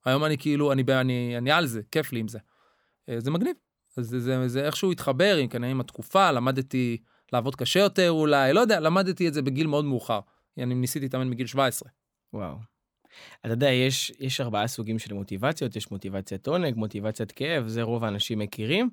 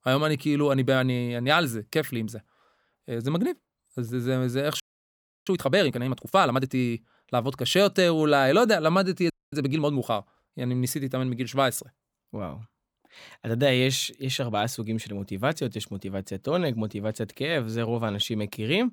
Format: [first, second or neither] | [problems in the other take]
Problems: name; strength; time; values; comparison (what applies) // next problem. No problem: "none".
first | audio freezing; at 5 s for 0.5 s and at 9.5 s